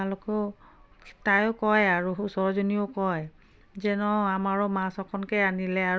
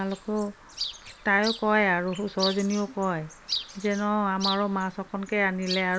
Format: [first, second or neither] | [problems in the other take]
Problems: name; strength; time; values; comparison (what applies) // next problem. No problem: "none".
first | background sound (Chirp, tweet); 10 dB below the speech